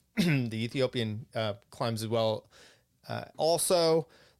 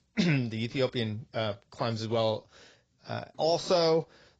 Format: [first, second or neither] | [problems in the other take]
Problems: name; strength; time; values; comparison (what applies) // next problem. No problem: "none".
first | garbled, watery; badly; nothing above 7.5 kHz